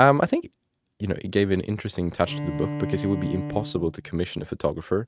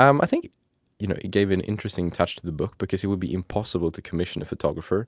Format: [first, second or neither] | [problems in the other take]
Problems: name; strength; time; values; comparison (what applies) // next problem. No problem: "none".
second | noise reduction (neural mask model RNNoise)